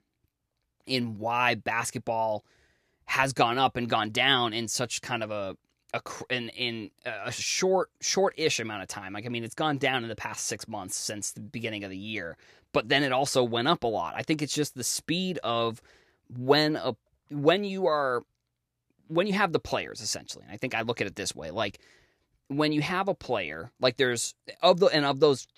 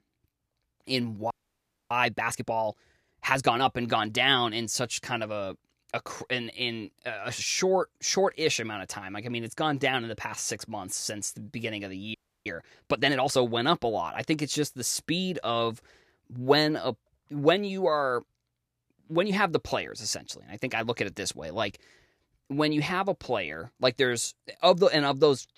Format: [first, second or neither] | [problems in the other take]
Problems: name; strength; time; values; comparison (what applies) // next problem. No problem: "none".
first | audio freezing; at 1.5 s for 0.5 s and at 12 s